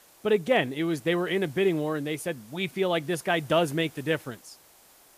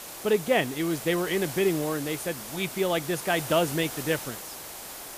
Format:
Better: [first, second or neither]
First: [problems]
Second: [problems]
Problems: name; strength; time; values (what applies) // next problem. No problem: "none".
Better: first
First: hiss; faint; throughout; 25 dB below the speech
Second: hiss; loud; throughout; 9 dB below the speech